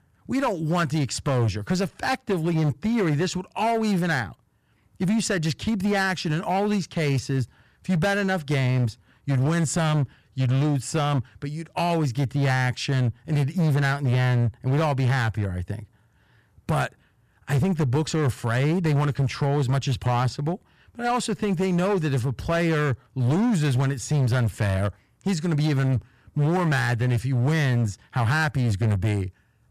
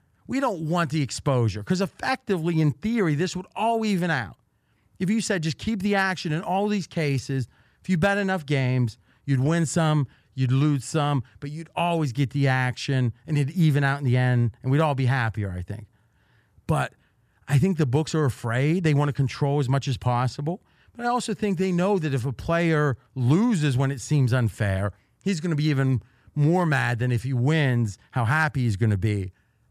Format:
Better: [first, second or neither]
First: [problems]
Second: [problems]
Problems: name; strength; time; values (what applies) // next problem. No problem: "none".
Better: second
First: distortion; slight; 16% of the sound clipped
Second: none